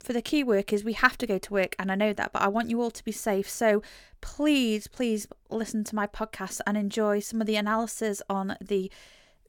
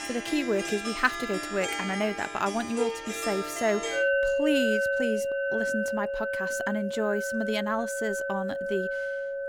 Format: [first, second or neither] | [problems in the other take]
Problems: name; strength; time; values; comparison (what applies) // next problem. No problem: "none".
first | background music; very loud; throughout; as loud as the speech